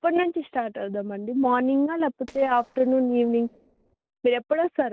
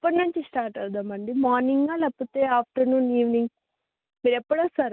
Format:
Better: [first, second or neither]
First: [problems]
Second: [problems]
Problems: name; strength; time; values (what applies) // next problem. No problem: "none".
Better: second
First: noise reduction (neural separator model SepFormer DNS4)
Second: none